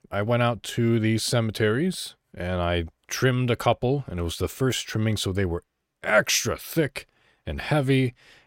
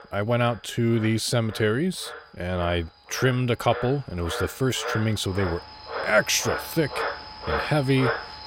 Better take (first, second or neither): first